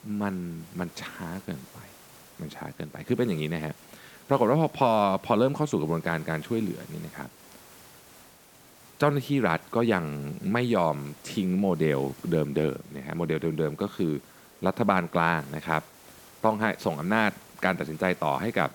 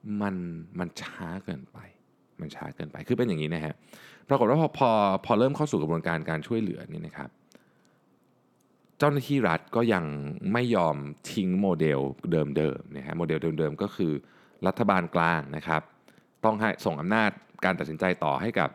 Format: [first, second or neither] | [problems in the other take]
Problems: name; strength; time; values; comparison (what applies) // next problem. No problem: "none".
second | hiss; faint; throughout; 25 dB below the speech